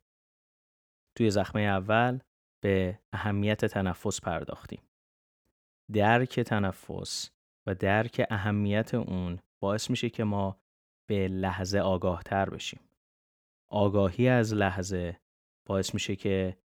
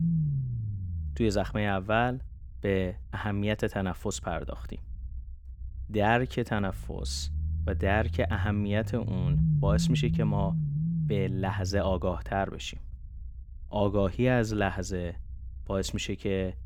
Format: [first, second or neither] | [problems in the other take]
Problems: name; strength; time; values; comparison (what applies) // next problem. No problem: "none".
first | low rumble; noticeable; throughout; 10 dB below the speech